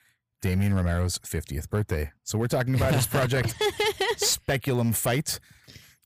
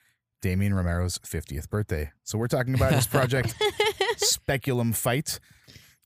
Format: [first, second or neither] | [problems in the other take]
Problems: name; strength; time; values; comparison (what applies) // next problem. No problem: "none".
second | distortion; slight; 8% of the sound clipped